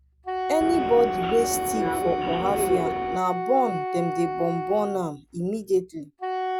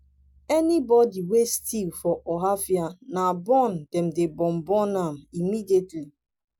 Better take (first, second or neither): second